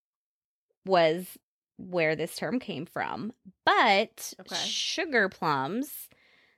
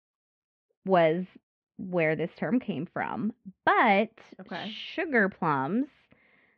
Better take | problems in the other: first | muffled; very; fading above 2.5 kHz

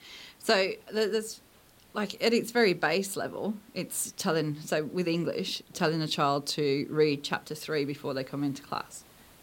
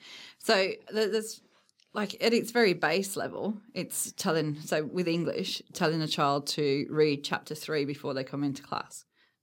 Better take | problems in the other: second | hiss; faint; throughout; 30 dB below the speech

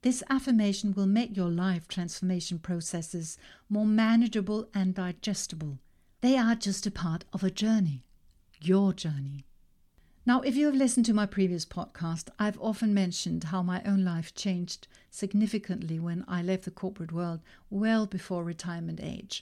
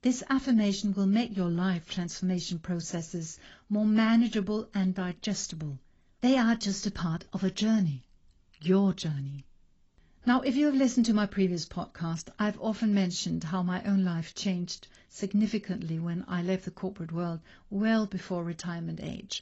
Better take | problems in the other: first | garbled, watery; badly; nothing above 7.5 kHz

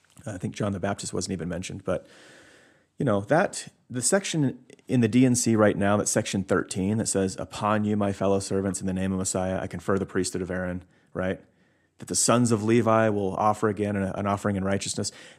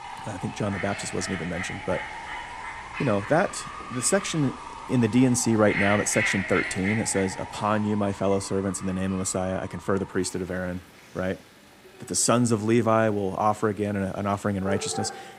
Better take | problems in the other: first | animal sounds; loud; throughout; 8 dB below the speech

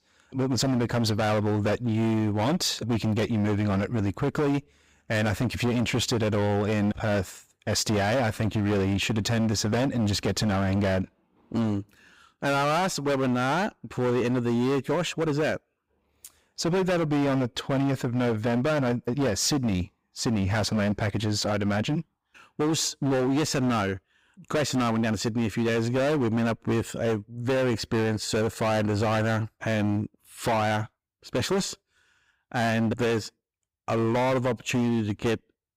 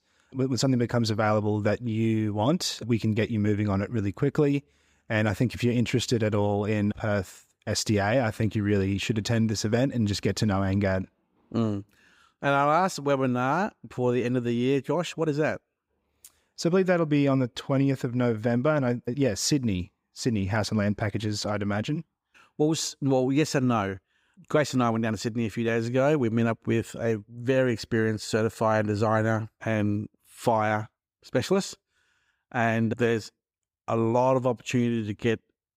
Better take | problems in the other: second | distortion; heavy; 21% of the sound clipped

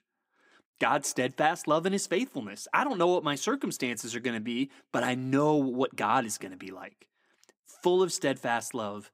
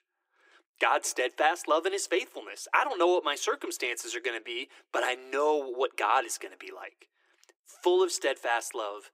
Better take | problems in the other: first | thin; very; fading below 350 Hz

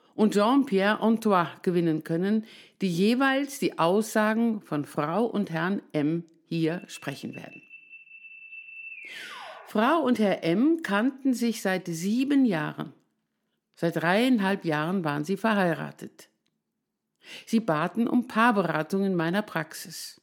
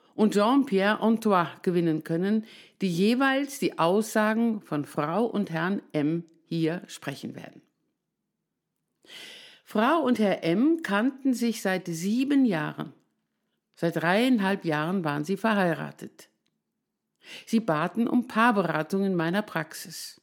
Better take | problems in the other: second | alarm; faint; from 6.5 to 9.5 s; peak 15 dB below the speech

